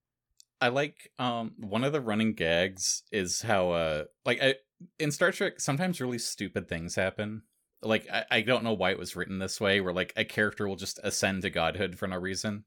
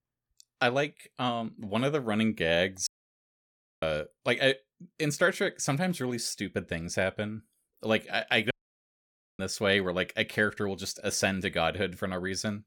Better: first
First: none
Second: audio cutting out; at 3 s for 1 s and at 8.5 s for 1 s

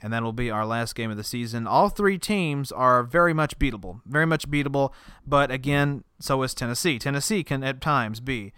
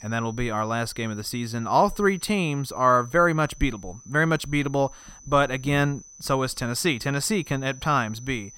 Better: first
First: none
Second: high-pitched whine; faint; throughout; 6 kHz, 20 dB below the speech

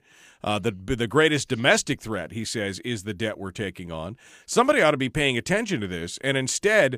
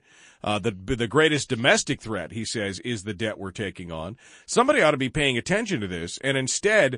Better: first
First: none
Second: garbled, watery; slightly; nothing above 9.5 kHz

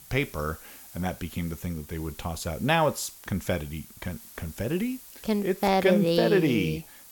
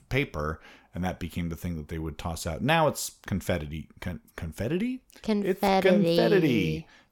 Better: second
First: hiss; noticeable; throughout; 20 dB below the speech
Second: none

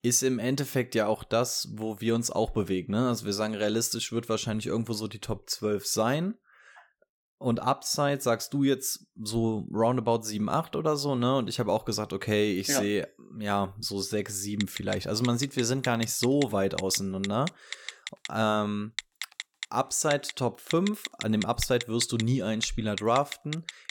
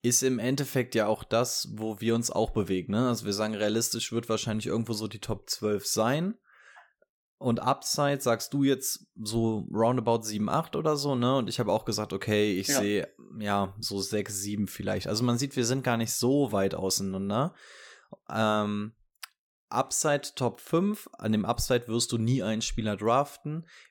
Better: second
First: phone ringing; noticeable; from 15 s on; peak 7 dB below the speech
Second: none

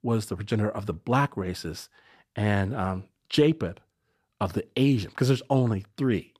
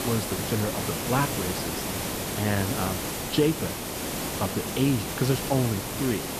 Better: first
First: none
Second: hiss; loud; throughout; 2 dB below the speech

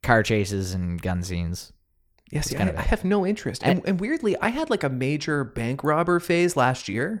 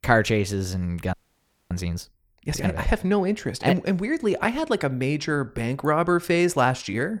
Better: first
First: none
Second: audio freezing; at 1 s for 0.5 s

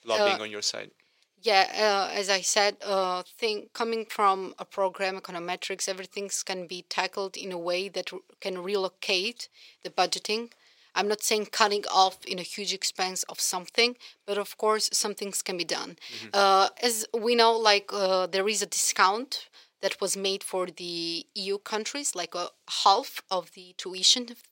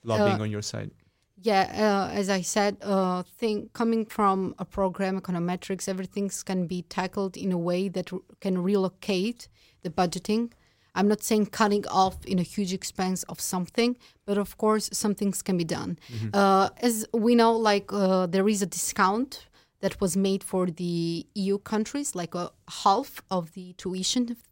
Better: second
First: thin; somewhat; fading below 500 Hz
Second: none

